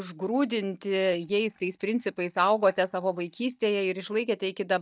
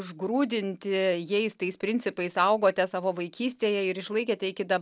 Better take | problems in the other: second | noise reduction (neural mask model DeepFilterNet 3)

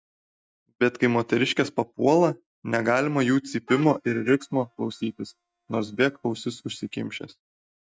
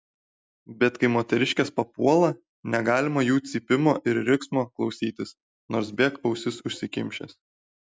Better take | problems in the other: second | noise reduction (neural mask model DeepFilterNet 3)

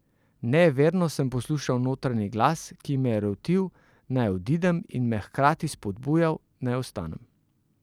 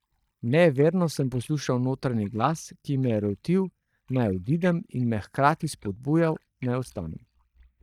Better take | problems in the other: first | noise reduction (neural mask model DeepFilterNet 3)

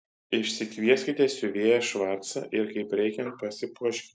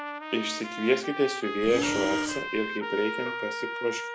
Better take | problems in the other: first | background sound (Trumpet + Breathing); 3 dB below the speech

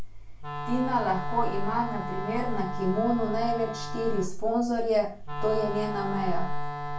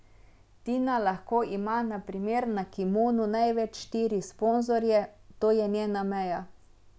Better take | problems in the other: second | background sound (Wind instrument, woodwind instrument); 9 dB below the speech // room echo; dies away in 0.3 s

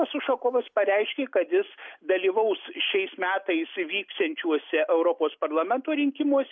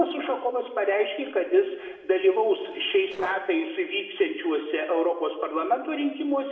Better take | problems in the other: first | noise reduction (neural separator model SepFormer DNS4)

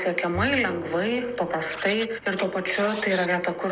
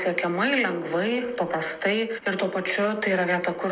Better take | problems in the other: second | background sound (Scratching (performance technique) + Bowed string instrument); 14 dB below the speech

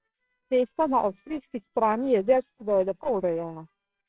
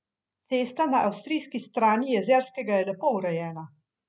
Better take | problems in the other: second | noise reduction (neural separator model SepFormer WHAMR!)

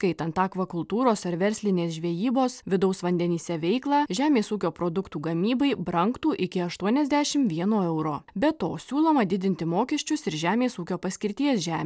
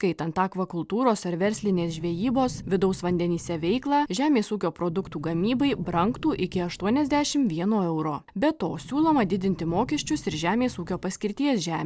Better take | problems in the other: first | background sound (Sliding door); 17 dB below the speech

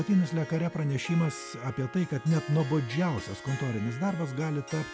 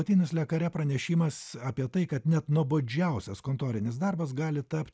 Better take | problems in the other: second | background sound (Harp); 14 dB below the speech

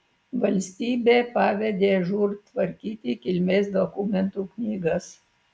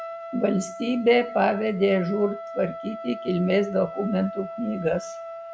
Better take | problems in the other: first | background sound (Trumpet); 11 dB below the speech

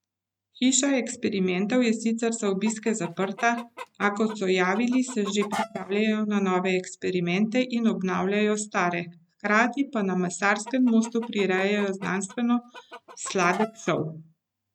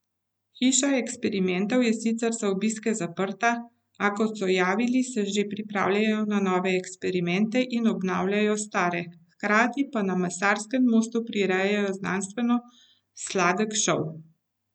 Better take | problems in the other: second | noise reduction (neural mask model RNNoise)

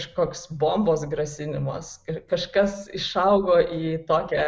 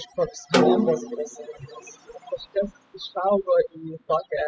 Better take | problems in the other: first | noise reduction (classical method spectral subtraction)

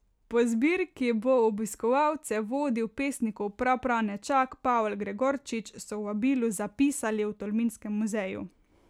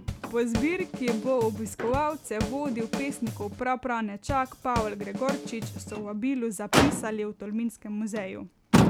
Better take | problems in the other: first | background sound (Drum kit + Motor vehicle (road)); 1 dB below the speech

